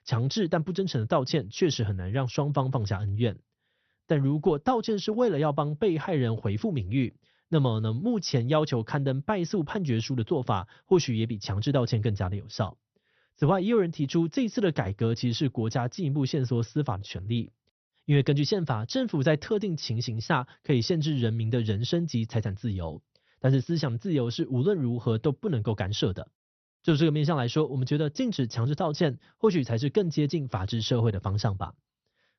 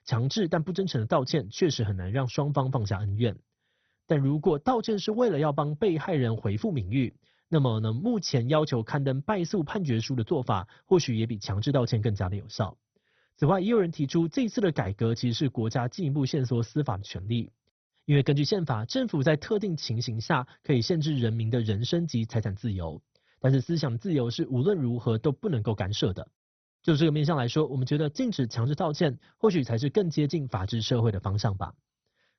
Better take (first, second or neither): first